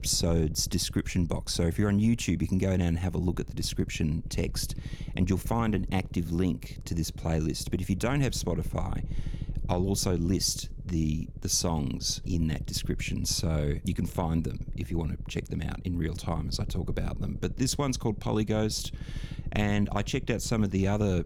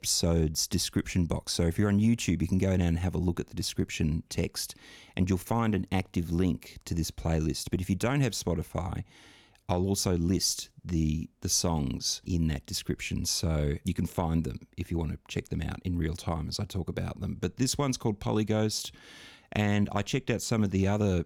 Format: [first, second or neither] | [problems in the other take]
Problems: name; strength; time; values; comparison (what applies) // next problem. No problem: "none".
second | low rumble; noticeable; throughout; 20 dB below the speech